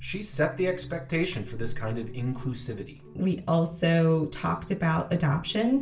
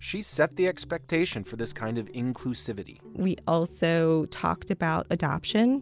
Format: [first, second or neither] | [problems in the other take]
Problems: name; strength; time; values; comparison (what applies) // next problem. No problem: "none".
second | room echo; dies away in 0.3 s